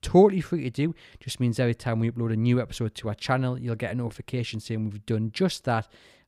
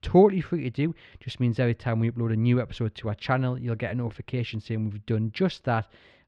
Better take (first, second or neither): first